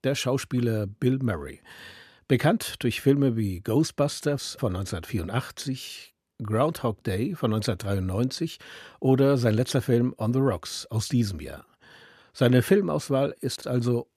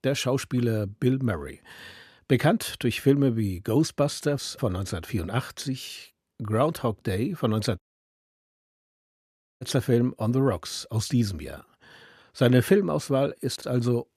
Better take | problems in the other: first | audio cutting out; at 8 s for 2 s

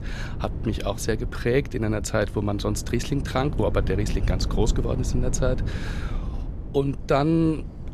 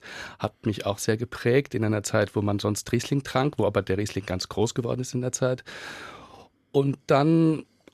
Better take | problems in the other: second | wind noise on the microphone; occasional gusts; 15 dB below the speech

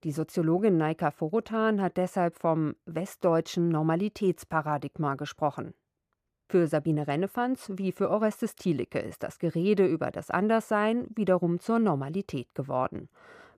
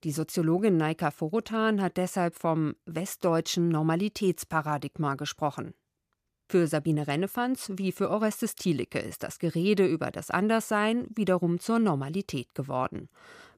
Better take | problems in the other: second | muffled; slightly; fading above 2.5 kHz

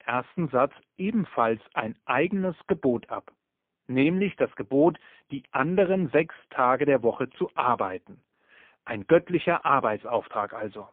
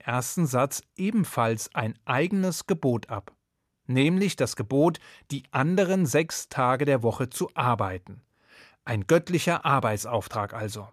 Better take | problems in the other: second | phone-call audio; poor line

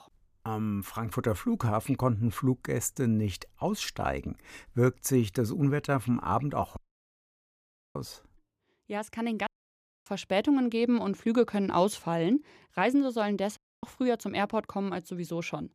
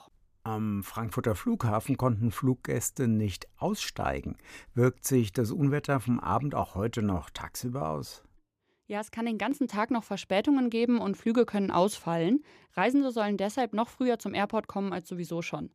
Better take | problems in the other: second | audio cutting out; at 7 s for 1 s, at 9.5 s for 0.5 s and at 14 s

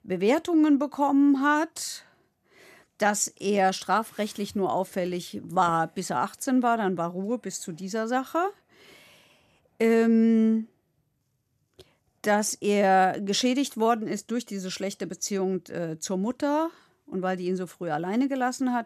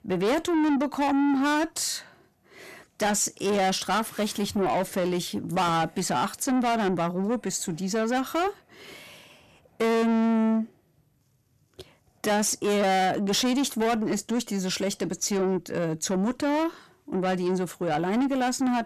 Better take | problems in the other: first | distortion; heavy; 7 dB below the speech

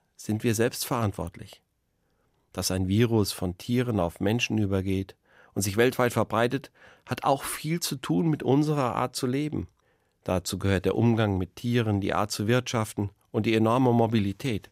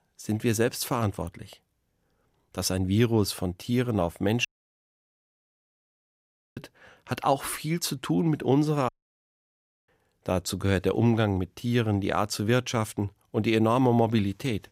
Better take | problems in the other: first | audio cutting out; at 4.5 s for 2 s and at 9 s for 1 s

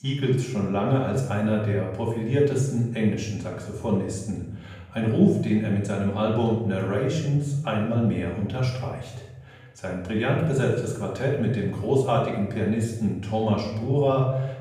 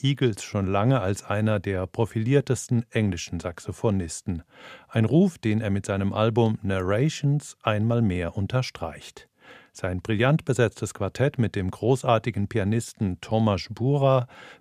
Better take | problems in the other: second | off-mic speech; far // room echo; noticeable; dies away in 0.9 s

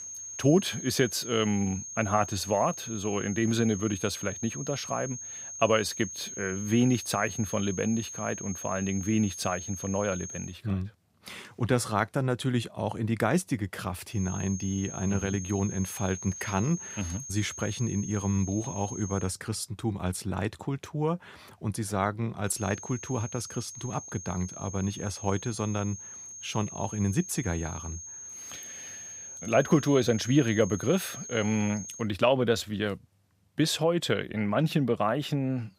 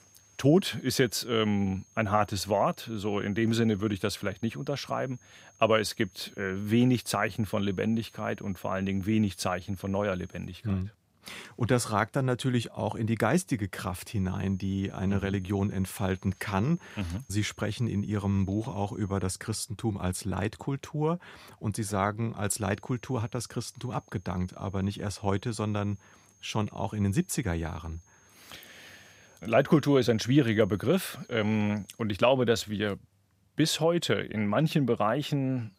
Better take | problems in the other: second | high-pitched whine; loud; until 10 s, from 14 to 19 s and from 23 to 32 s; 6.5 kHz, 9 dB below the speech; faint in the second

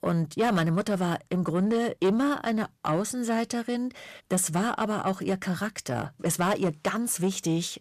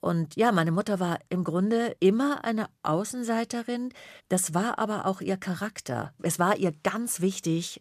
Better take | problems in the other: second | distortion; slight; 10 dB below the speech

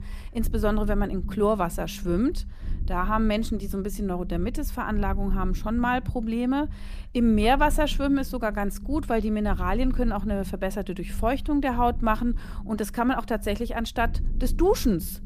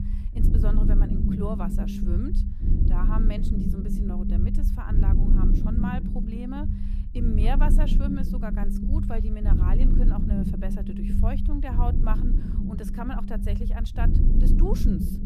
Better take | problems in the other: first | low rumble; loud; throughout; as loud as the speech; faint in the first

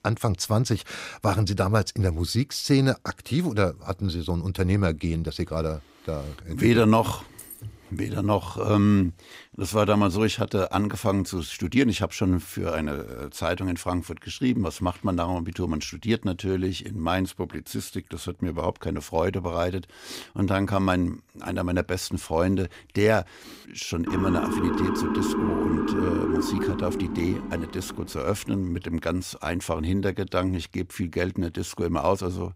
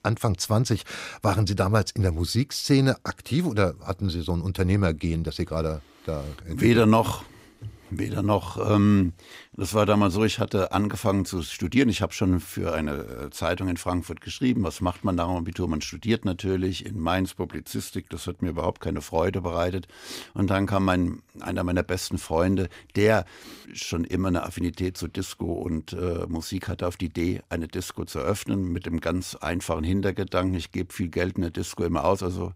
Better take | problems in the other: second | jangling keys; faint; at 7.5 s; peak 15 dB below the speech // siren; loud; from 24 to 28 s; peak 1 dB above the speech

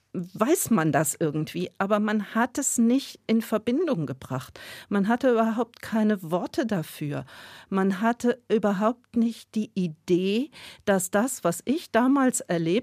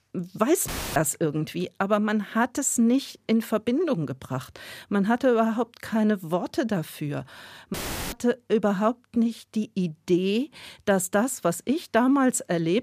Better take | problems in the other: first | audio cutting out; filled with static; at 0.5 s and at 7.5 s

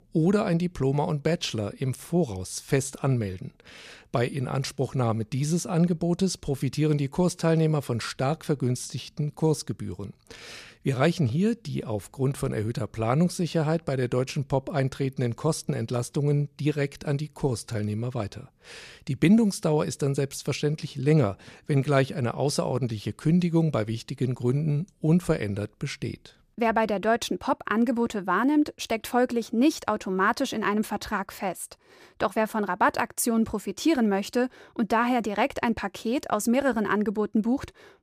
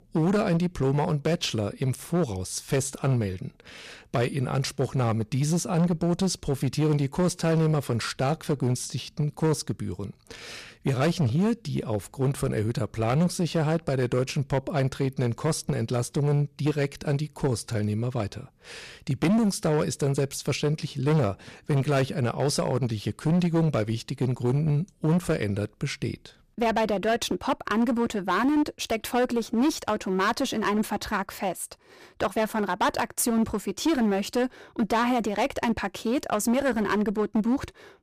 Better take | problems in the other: first | distortion; slight; 10% of the sound clipped

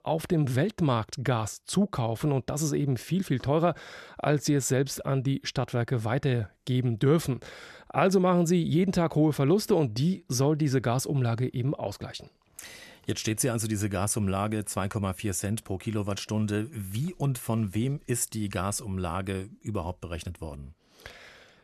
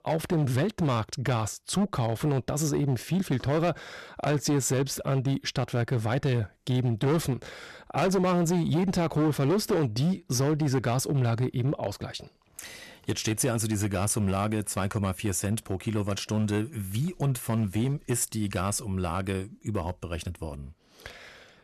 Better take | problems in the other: first | distortion; slight; 10% of the sound clipped

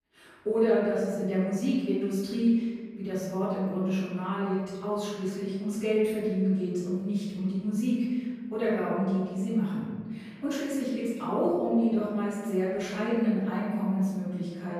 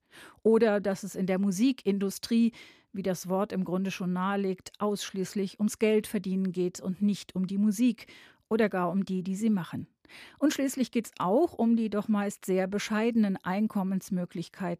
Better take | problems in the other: second | off-mic speech; far // room echo; strong; dies away in 1.6 s

